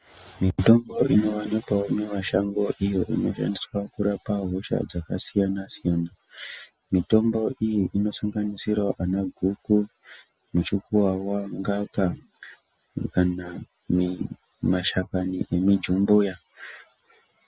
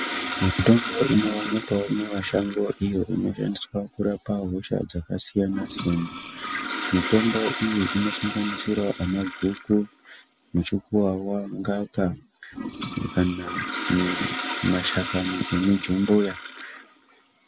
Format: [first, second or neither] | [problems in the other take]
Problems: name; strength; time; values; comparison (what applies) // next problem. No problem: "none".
first | background sound (Toilet flush); 9 dB below the speech